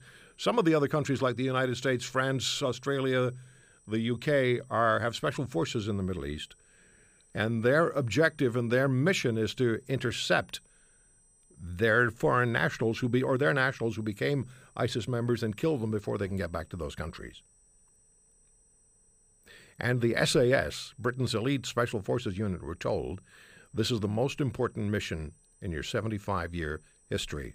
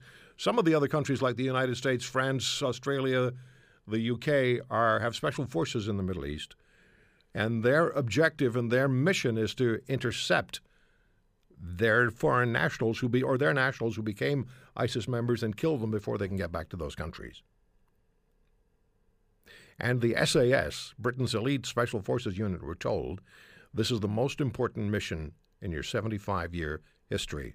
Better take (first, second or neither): second